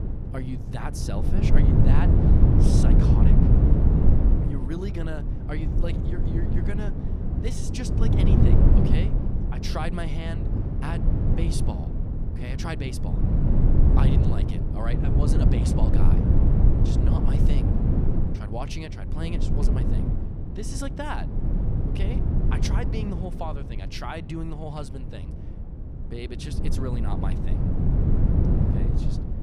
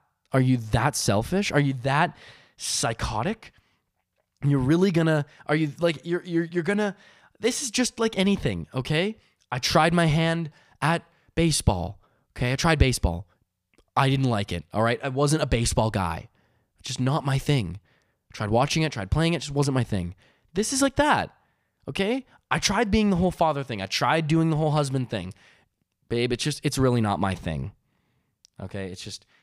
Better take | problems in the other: second | wind noise on the microphone; heavy; 3 dB above the speech

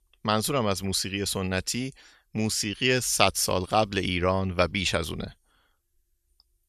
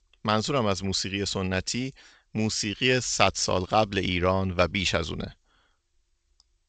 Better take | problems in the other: first | garbled, watery; slightly; nothing above 7.5 kHz

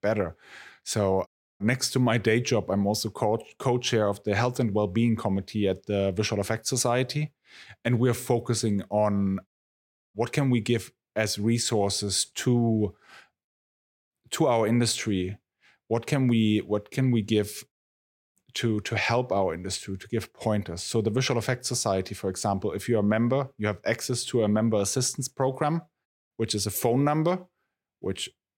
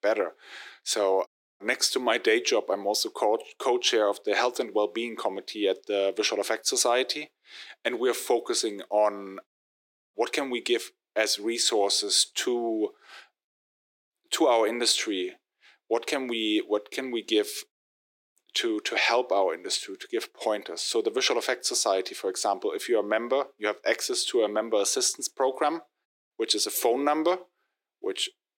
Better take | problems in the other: first | thin; very; fading below 300 Hz

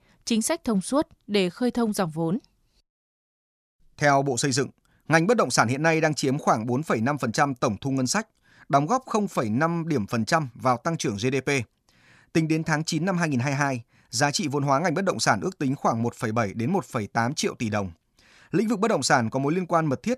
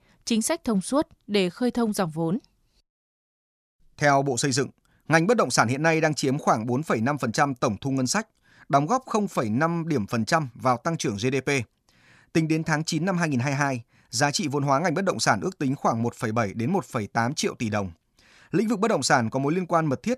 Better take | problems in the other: neither | none

